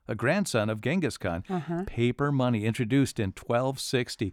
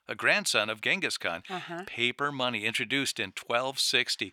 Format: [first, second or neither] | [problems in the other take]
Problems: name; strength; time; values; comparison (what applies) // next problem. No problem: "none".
first | thin; somewhat; fading below 1 kHz